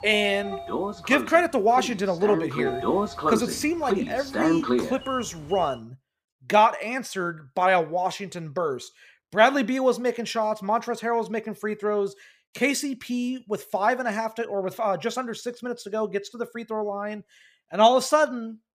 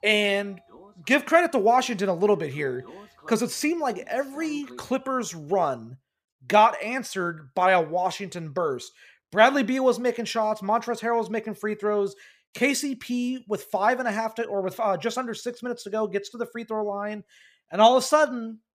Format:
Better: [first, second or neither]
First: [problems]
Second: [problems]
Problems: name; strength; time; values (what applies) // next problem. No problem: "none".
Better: second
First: household noises; loud; until 5.5 s; 3 dB below the speech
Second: household noises; faint; until 5.5 s; 25 dB below the speech